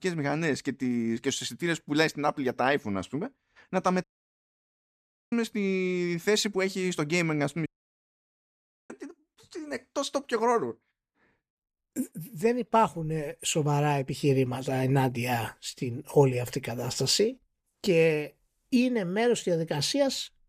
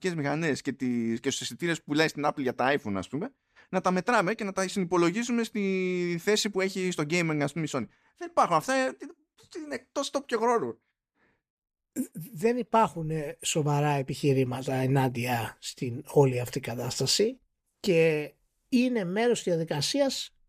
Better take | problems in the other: second | audio cutting out; at 4 s for 1.5 s and at 7.5 s for 1 s

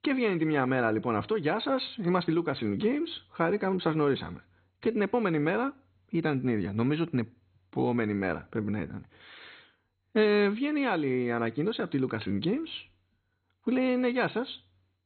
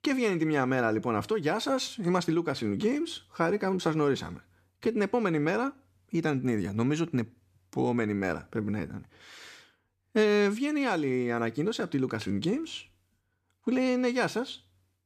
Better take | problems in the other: second | garbled, watery; badly; nothing above 4 kHz

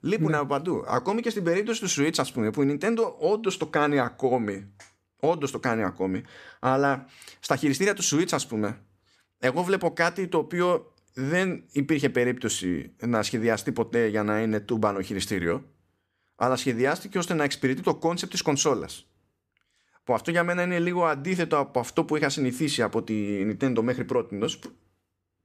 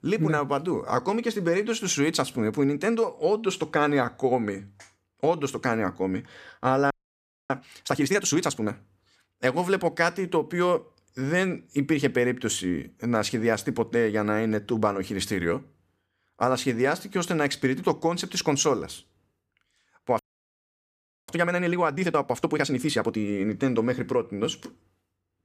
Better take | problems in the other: first | audio freezing; at 7 s for 0.5 s and at 20 s for 1 s

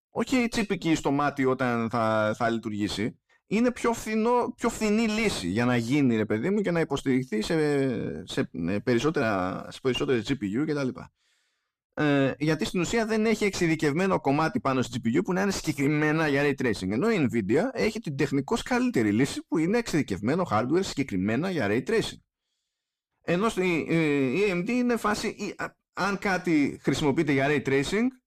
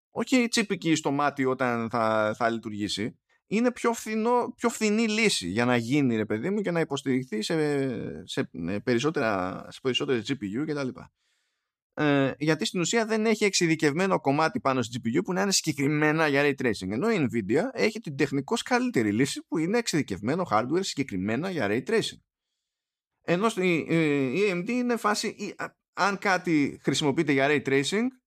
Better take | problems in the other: second | distortion; slight; 9 dB below the speech

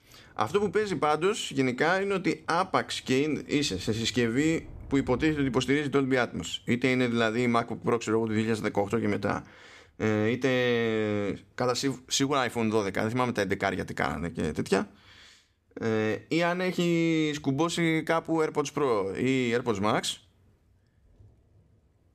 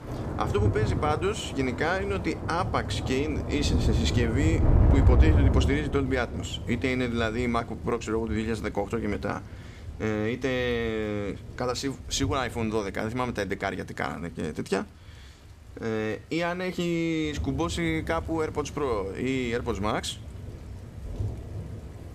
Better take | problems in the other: first | rain or running water; loud; throughout; 1 dB below the speech; faint in the first

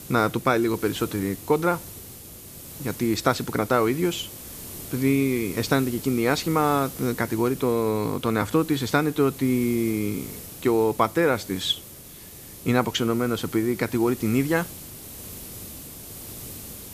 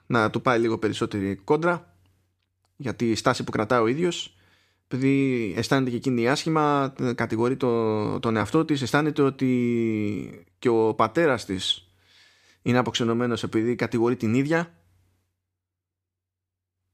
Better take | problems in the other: second | hiss; noticeable; throughout; 15 dB below the speech

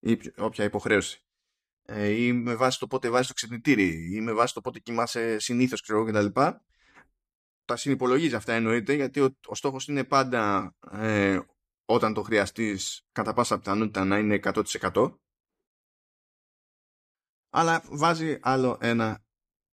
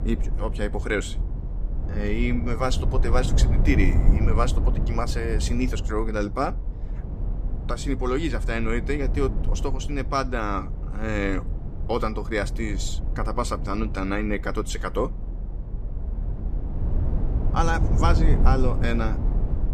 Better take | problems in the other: first | low rumble; noticeable; throughout; 10 dB below the speech

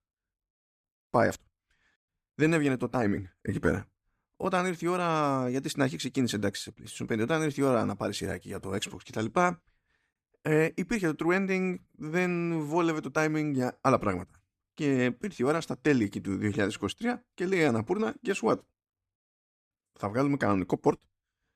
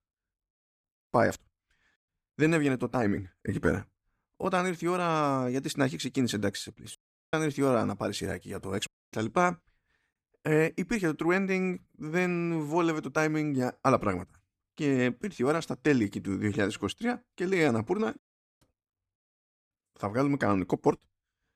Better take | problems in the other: first | audio cutting out; at 7 s, at 9 s and at 18 s

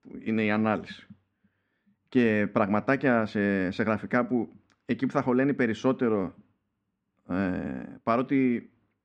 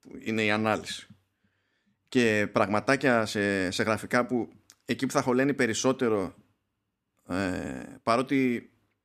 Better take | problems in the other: second | muffled; slightly; fading above 2.5 kHz

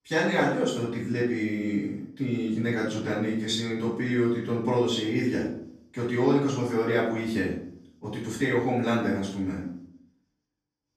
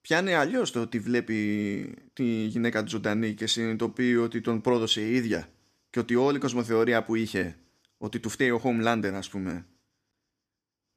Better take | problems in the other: second | off-mic speech; far // room echo; noticeable; dies away in 0.6 s

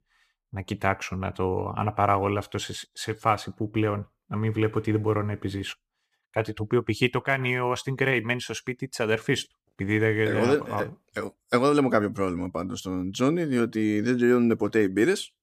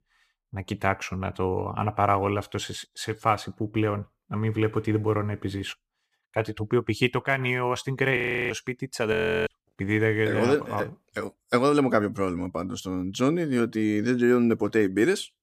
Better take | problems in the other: first | audio freezing; at 8 s and at 9 s

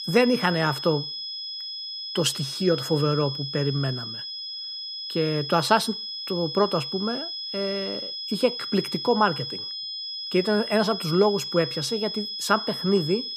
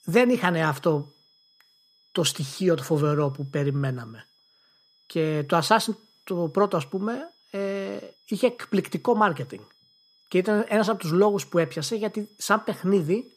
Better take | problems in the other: second | high-pitched whine; loud; throughout; 5 kHz, 6 dB below the speech; faint in the second

